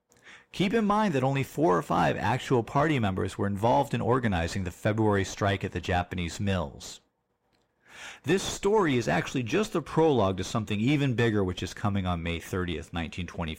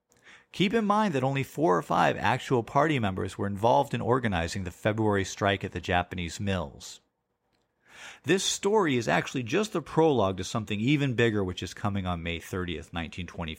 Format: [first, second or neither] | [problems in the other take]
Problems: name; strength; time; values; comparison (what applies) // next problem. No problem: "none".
second | distortion; slight; 10 dB below the speech